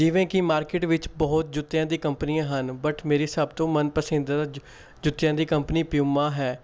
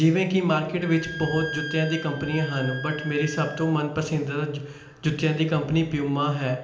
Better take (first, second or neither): first